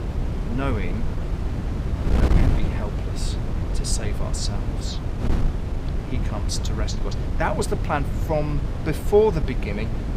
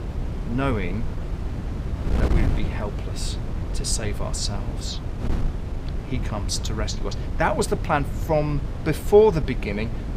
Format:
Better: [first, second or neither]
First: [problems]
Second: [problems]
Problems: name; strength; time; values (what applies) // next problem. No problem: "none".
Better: second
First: wind noise on the microphone; heavy; 7 dB below the speech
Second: wind noise on the microphone; occasional gusts; 10 dB below the speech